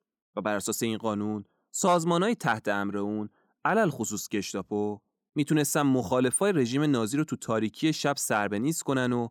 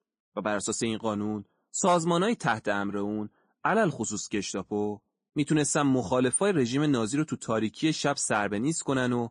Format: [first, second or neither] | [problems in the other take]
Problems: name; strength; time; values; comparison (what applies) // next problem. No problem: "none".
first | garbled, watery; slightly; nothing above 9 kHz